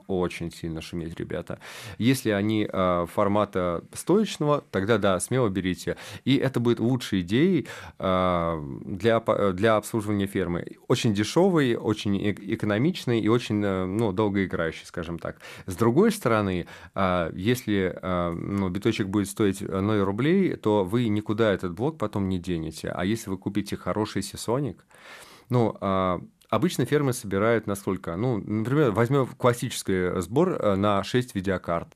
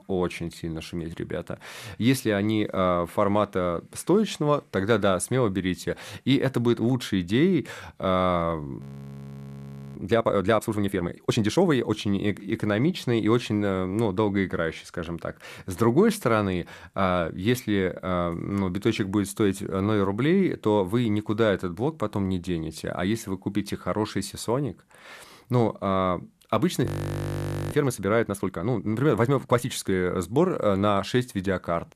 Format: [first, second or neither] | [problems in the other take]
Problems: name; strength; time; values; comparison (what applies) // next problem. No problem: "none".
first | audio freezing; at 9 s for 1 s and at 27 s for 1 s